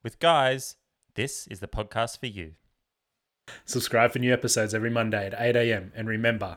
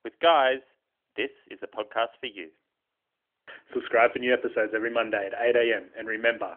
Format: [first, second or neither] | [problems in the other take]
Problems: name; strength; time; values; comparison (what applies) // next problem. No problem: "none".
first | phone-call audio; nothing above 3.5 kHz